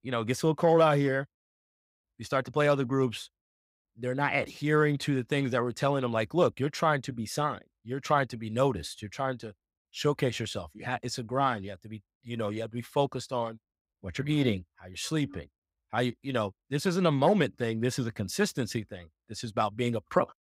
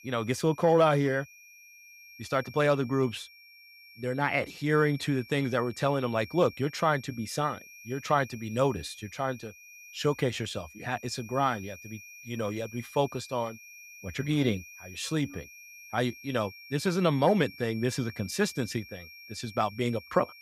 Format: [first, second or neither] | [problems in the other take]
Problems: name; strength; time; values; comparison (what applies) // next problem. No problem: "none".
first | high-pitched whine; noticeable; throughout; 2.5 kHz, 20 dB below the speech